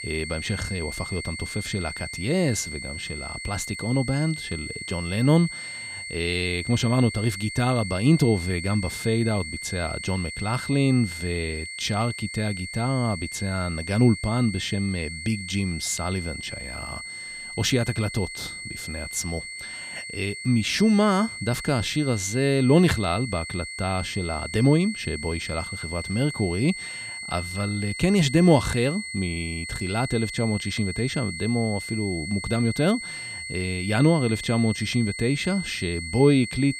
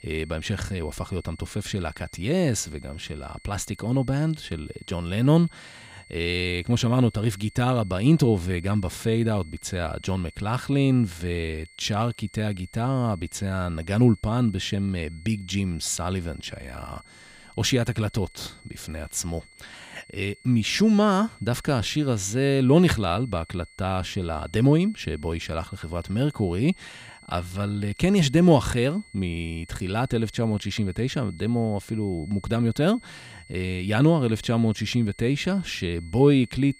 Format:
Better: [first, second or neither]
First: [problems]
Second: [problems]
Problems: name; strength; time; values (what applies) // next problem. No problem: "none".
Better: second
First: high-pitched whine; loud; throughout; 2 kHz, 8 dB below the speech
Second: high-pitched whine; faint; throughout; 2 kHz, 25 dB below the speech